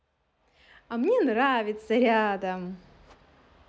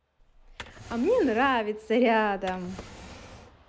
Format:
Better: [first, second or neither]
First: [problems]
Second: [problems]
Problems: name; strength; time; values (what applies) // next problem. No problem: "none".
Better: first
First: none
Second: background sound (Drawer open or close); 18 dB below the speech